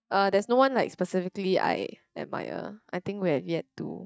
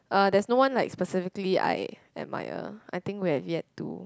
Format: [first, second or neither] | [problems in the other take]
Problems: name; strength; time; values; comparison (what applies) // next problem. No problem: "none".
second | noise reduction (neural mask model DeepFilterNet 3)